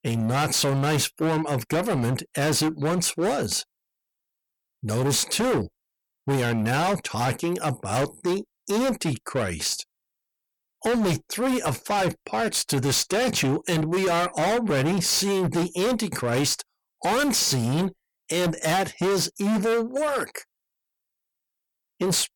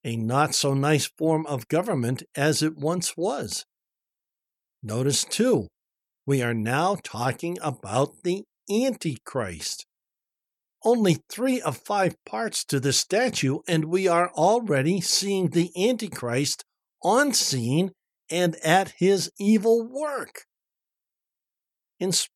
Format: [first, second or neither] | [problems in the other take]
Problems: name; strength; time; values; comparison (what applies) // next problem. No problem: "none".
second | distortion; heavy; 23% of the sound clipped